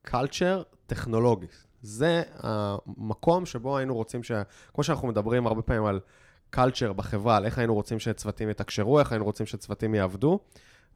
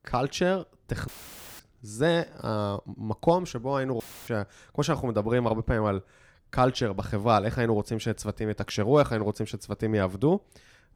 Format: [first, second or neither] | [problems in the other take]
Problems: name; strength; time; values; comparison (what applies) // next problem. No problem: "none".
first | audio cutting out; filled with static; at 1 s for 0.5 s and at 4 s